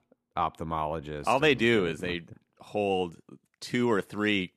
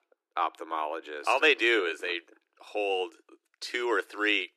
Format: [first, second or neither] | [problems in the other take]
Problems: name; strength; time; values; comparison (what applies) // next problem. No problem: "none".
first | thin; very; fading below 300 Hz